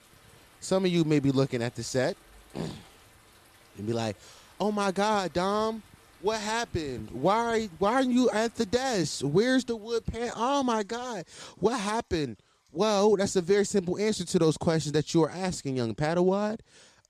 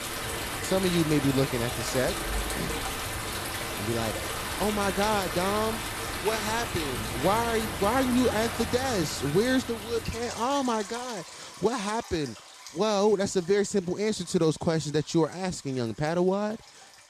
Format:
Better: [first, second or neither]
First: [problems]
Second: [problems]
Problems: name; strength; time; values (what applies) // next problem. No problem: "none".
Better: first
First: rain or running water; faint; throughout; 30 dB below the speech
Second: rain or running water; loud; throughout; 5 dB below the speech